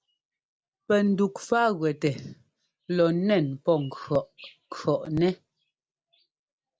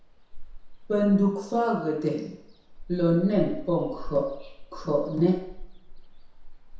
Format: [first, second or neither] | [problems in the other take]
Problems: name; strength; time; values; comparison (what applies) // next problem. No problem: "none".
first | background sound (Ocean); 12 dB below the speech // room echo; dies away in 0.7 s